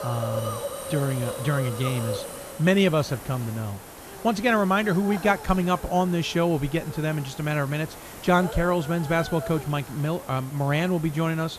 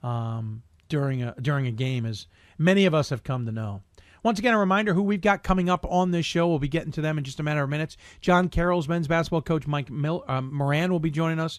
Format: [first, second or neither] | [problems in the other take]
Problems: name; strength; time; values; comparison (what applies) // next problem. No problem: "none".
second | hiss; noticeable; throughout; 10 dB below the speech